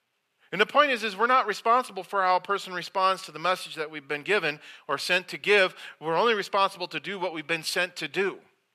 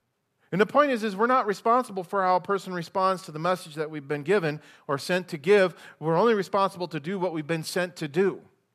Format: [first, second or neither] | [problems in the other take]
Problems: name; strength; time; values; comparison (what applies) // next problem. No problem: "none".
second | thin; somewhat; fading below 600 Hz